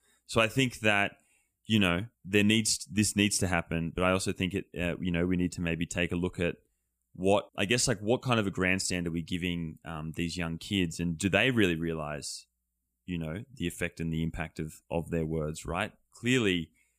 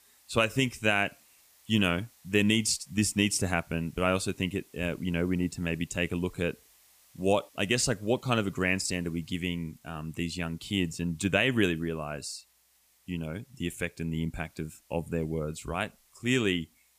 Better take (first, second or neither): first